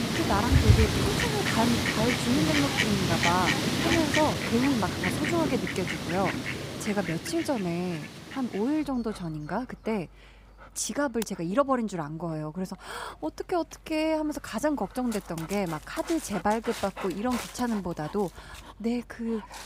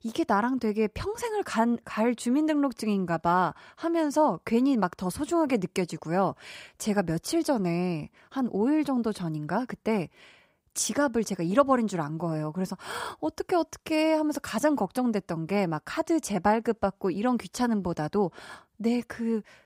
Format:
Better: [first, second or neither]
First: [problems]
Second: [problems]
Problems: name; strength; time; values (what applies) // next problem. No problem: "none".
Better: second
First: animal sounds; very loud; throughout; 2 dB above the speech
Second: none